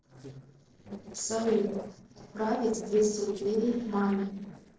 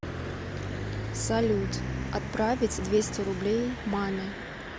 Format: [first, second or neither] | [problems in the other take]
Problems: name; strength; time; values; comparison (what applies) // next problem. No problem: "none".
second | noise reduction (neural separator model SepFormer DNS4)